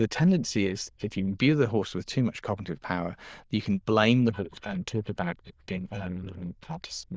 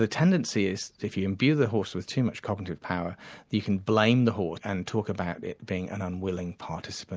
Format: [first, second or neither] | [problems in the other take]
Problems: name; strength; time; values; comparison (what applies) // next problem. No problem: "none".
second | noise reduction (neural diffusion model UNIVERSE++)